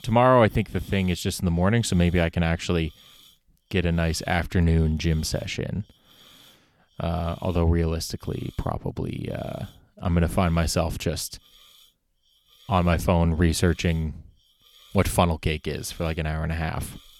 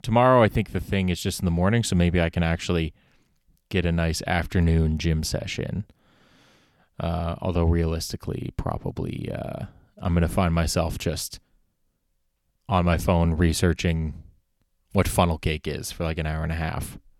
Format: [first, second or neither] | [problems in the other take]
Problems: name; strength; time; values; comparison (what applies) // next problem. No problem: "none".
second | hiss; faint; throughout; 30 dB below the speech